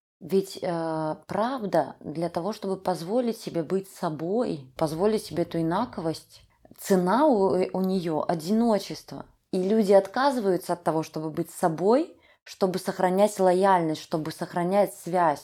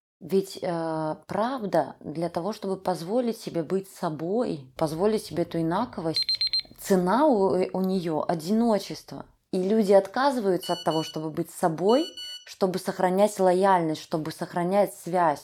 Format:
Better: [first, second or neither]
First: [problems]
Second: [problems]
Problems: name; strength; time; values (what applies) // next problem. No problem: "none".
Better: first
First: none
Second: alarm; loud; at 6 s; peak 3 dB above the speech // phone ringing; noticeable; from 11 to 12 s; peak 9 dB below the speech